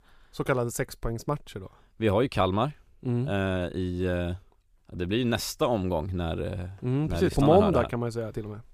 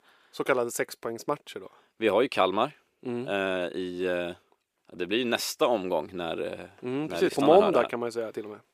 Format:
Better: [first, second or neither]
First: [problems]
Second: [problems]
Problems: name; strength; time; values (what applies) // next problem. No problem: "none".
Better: first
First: none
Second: thin; somewhat; fading below 350 Hz